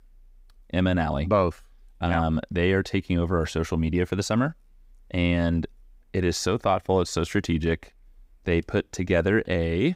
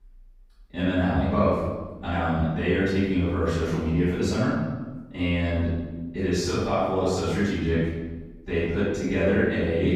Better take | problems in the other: first | room echo; strong; dies away in 1.1 s // off-mic speech; far

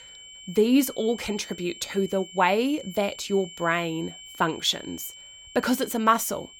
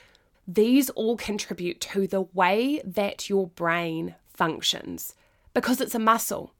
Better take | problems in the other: second | high-pitched whine; noticeable; throughout; 3 kHz, 15 dB below the speech

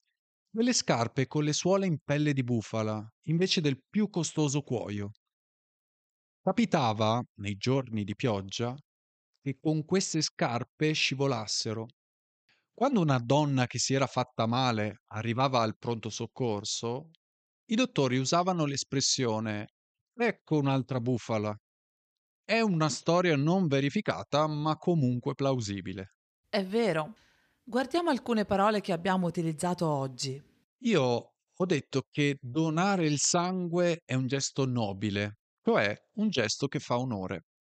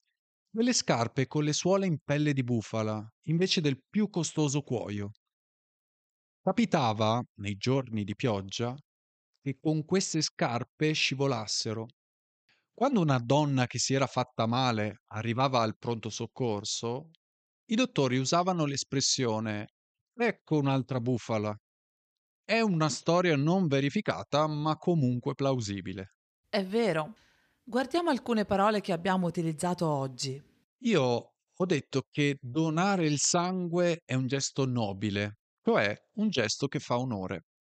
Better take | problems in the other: neither | none

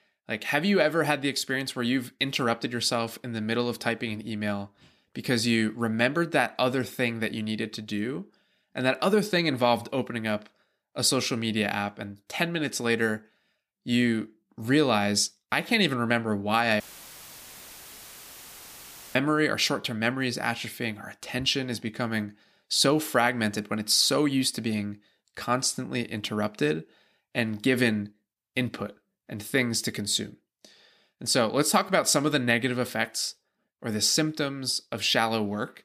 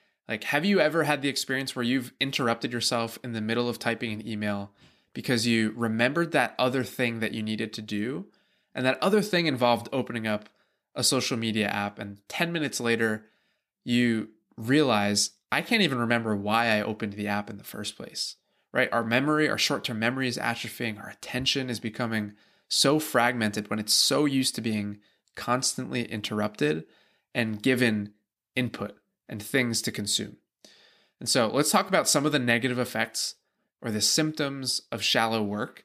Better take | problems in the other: second | audio cutting out; filled with static; at 17 s for 2.5 s

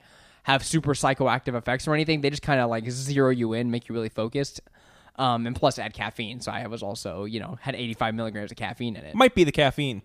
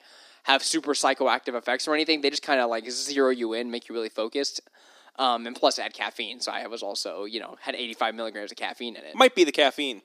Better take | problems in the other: first | thin; somewhat; fading below 300 Hz

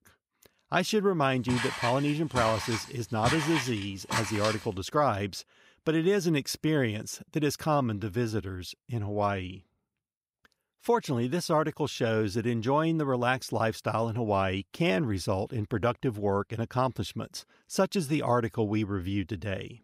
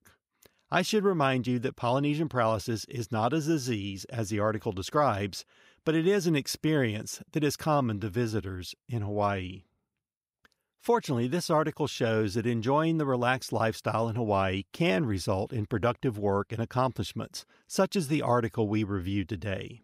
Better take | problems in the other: second | footsteps; noticeable; from 1.5 to 4.5 s; peak level with the speech

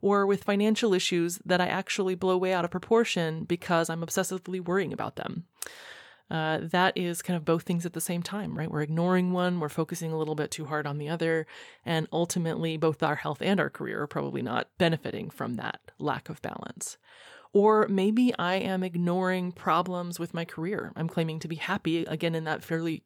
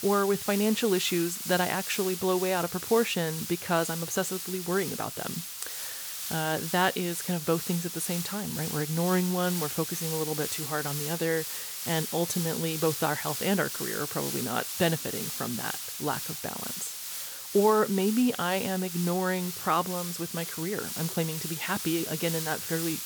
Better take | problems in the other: first | hiss; loud; throughout; 4 dB below the speech

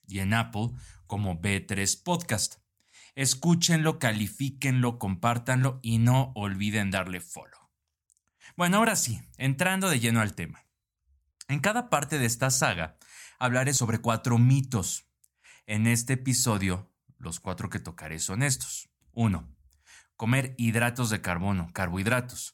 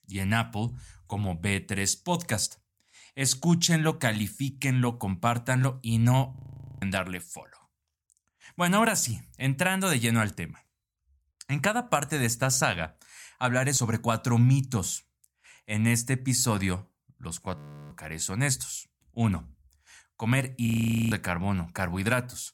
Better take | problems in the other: first | audio freezing; at 6.5 s, at 18 s and at 21 s

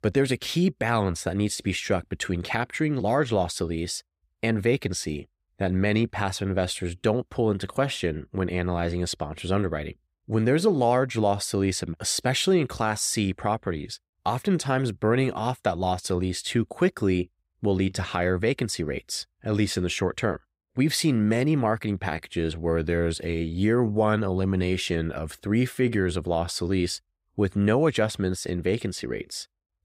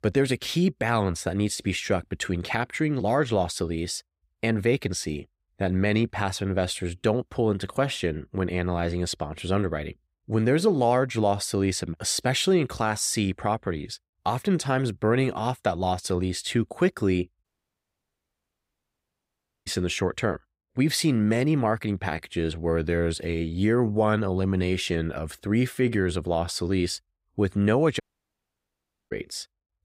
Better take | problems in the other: first | audio cutting out; at 17 s for 2 s and at 28 s for 1 s

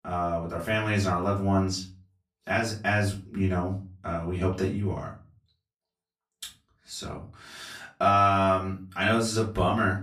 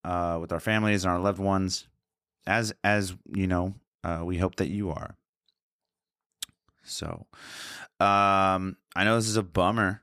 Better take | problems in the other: second | off-mic speech; far // room echo; slight; dies away in 0.3 s

